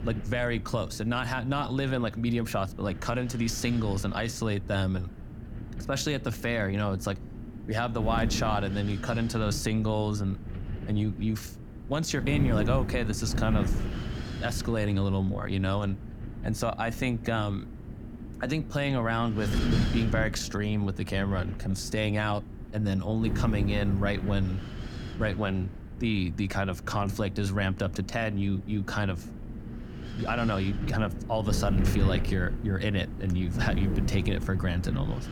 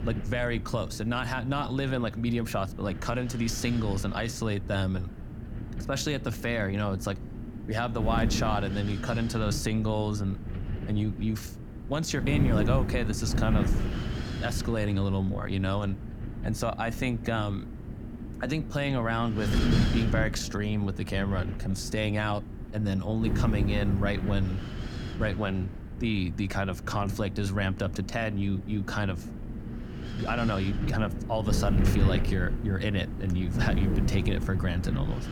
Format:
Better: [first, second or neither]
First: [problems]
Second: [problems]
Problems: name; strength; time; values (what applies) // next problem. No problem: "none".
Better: first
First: wind noise on the microphone; occasional gusts; 10 dB below the speech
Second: wind noise on the microphone; heavy; 9 dB below the speech